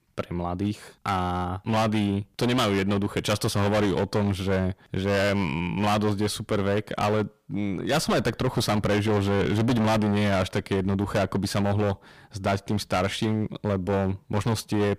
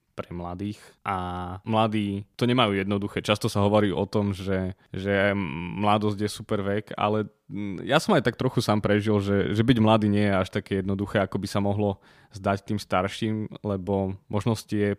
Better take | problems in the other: second | distortion; heavy; 22% of the sound clipped

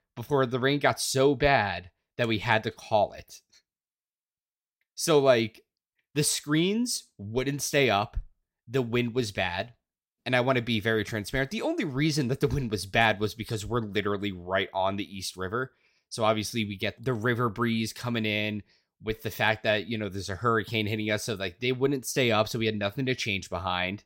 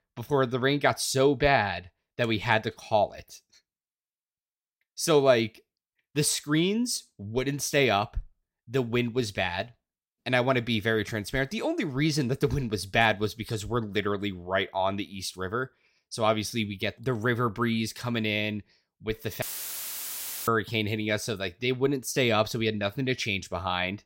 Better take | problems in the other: first | audio cutting out; filled with static; at 19 s for 1 s

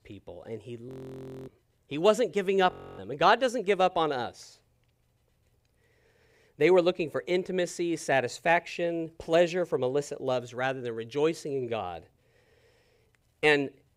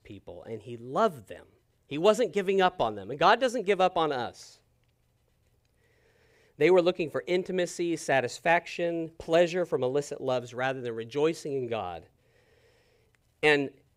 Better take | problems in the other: second | audio freezing; at 1 s for 0.5 s and at 2.5 s

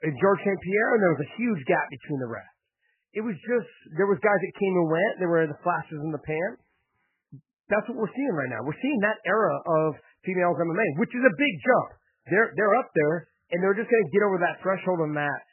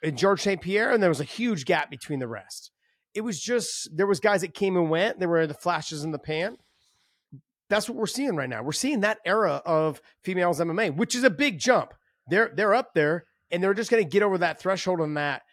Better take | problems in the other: second | garbled, watery; badly; nothing above 3 kHz

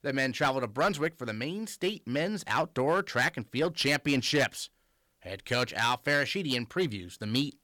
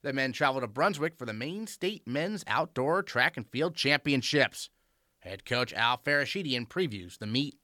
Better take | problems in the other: second | distortion; slight; 4% of the sound clipped

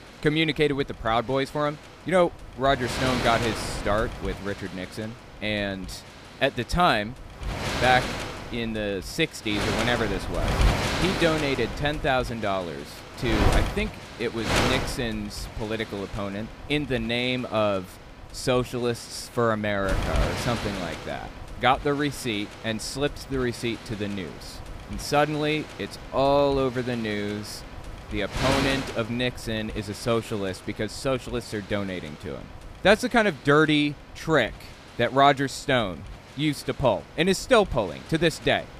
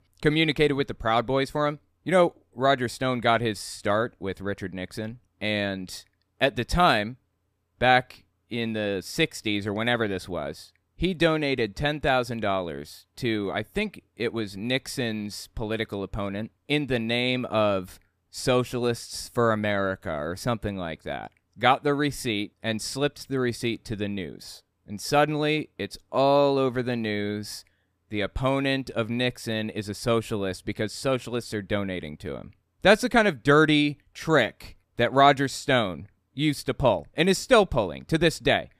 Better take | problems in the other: second | wind noise on the microphone; heavy; 8 dB below the speech

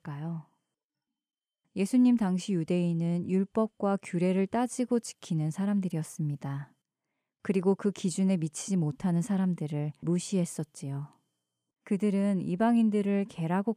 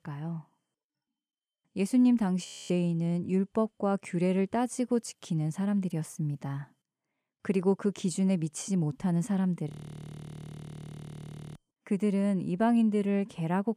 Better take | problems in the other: first | audio freezing; at 2.5 s and at 9.5 s for 2 s

